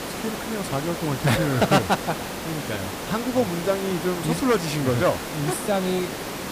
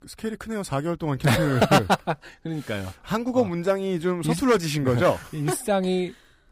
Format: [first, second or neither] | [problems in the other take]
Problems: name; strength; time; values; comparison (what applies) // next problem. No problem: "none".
second | hiss; loud; throughout; 6 dB below the speech